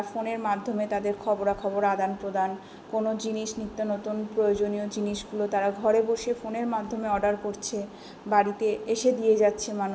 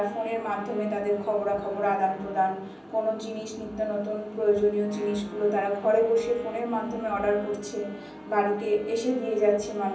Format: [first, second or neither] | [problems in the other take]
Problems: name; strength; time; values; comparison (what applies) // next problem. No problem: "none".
first | background sound (Wind instrument, woodwind instrument); 17 dB below the speech // room echo; dies away in 0.6 s